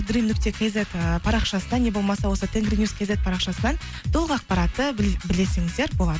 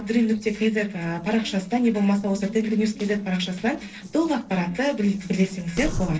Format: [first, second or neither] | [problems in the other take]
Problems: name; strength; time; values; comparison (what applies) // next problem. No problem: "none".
first | noise reduction (neural separator model SepFormer DNS4)